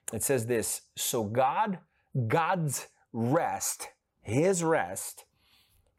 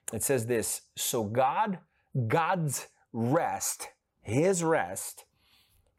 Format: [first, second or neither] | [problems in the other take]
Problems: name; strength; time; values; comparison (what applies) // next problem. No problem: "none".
neither | none